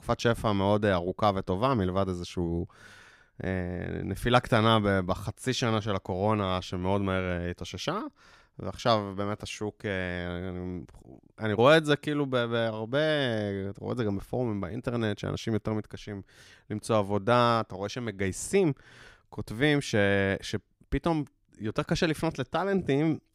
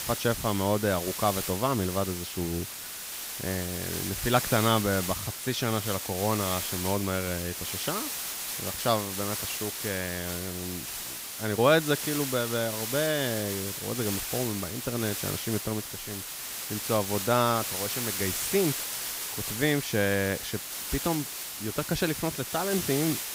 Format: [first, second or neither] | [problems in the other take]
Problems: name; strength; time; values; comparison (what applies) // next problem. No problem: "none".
first | hiss; loud; throughout; 3 dB below the speech